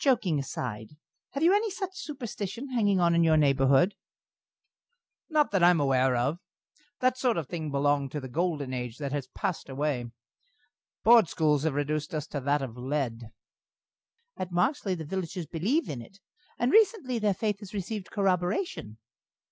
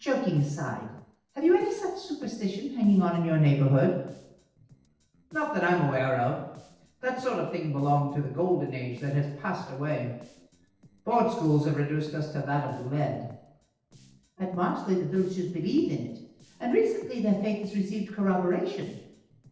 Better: first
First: none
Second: noise reduction (neural separator model SepFormer DNS4)

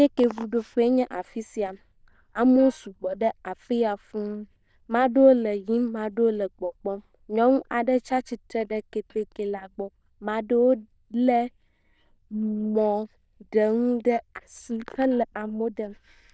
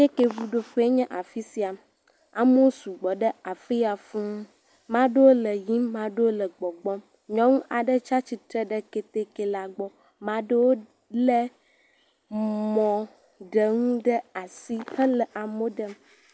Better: second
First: noise reduction (neural diffusion model UNIVERSE++)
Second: none

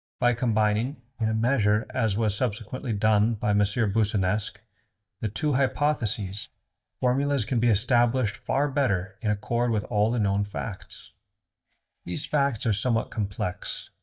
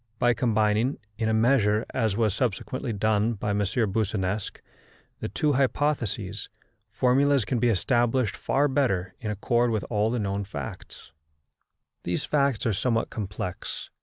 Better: second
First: noise reduction (neural mask model DeepFilterNet 3)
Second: none

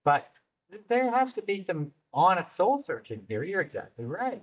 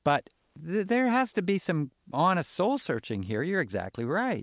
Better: second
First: noise reduction (neural mask model DeepFilterNet 3)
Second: none

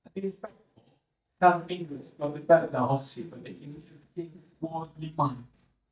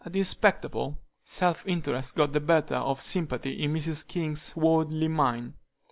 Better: second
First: noise reduction (neural mask model DeepFilterNet 3)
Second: none

